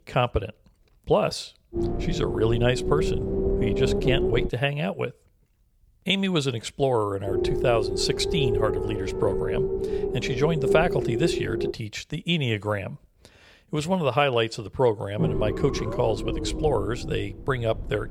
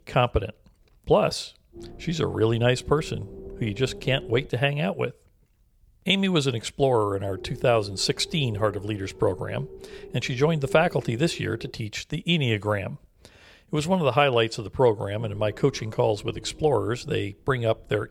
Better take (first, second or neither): second